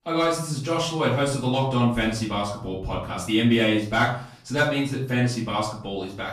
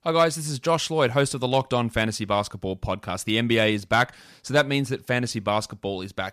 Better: second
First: off-mic speech; far // room echo; noticeable; dies away in 0.4 s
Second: none

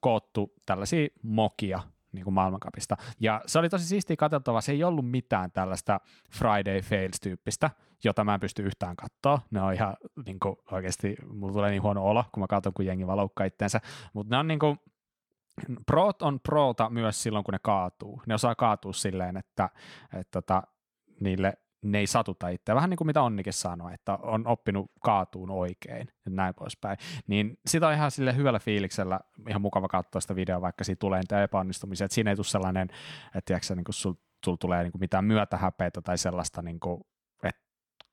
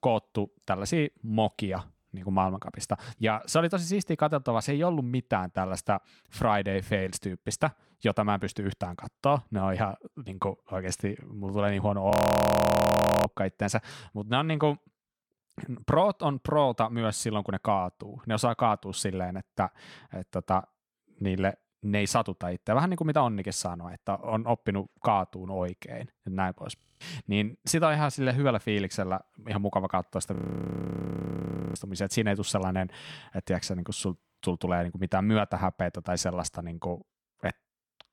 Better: first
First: none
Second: audio freezing; at 12 s for 1 s, at 27 s and at 30 s for 1.5 s

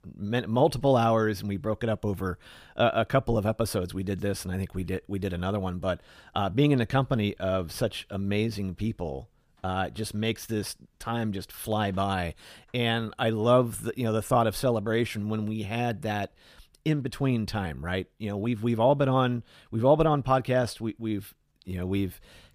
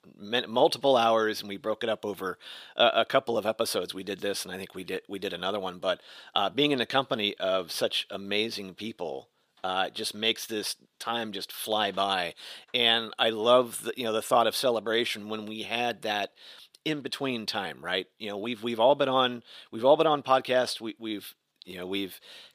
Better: first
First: none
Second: thin; somewhat; fading below 350 Hz

